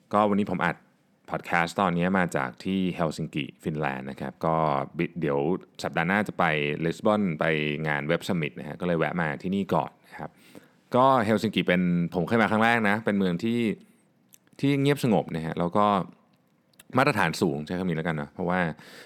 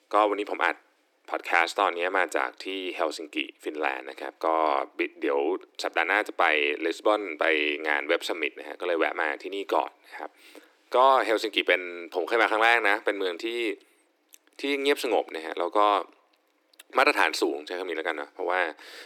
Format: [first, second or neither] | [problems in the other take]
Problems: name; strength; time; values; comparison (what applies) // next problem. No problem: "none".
first | thin; very; fading below 300 Hz